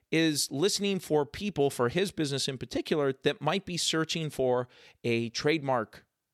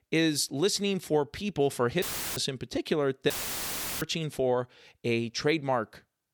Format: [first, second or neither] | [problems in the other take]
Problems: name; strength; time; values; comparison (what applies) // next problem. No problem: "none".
first | audio cutting out; filled with static; at 2 s and at 3.5 s for 0.5 s